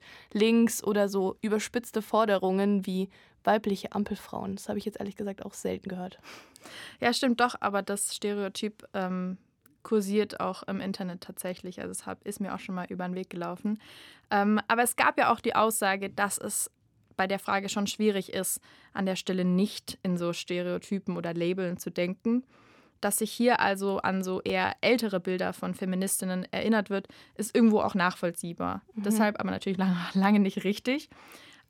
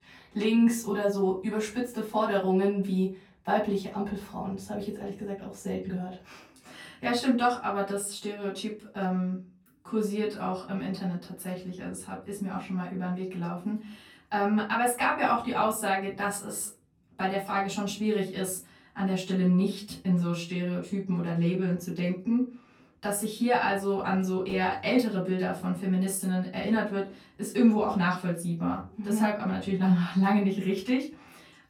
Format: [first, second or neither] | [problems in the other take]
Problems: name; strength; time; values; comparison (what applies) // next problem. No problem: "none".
first | off-mic speech; far // room echo; slight; dies away in 0.3 s